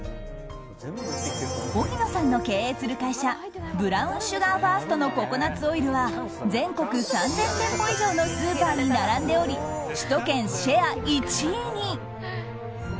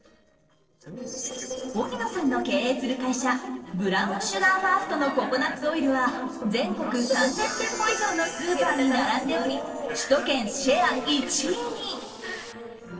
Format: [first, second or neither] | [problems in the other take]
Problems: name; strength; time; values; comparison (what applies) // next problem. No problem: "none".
first | noise reduction (neural separator model SepFormer DNS4)